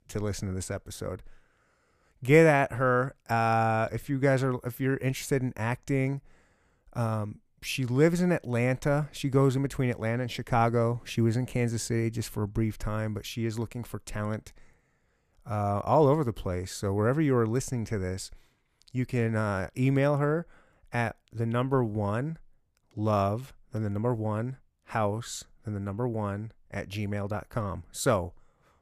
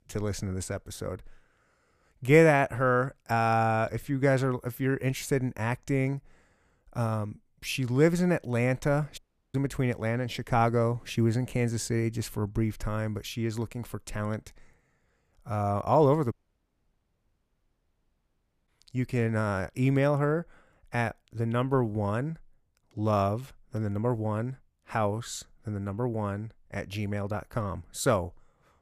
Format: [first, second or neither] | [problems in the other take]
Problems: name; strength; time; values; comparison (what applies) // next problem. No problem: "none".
first | audio cutting out; at 9 s and at 16 s for 2.5 s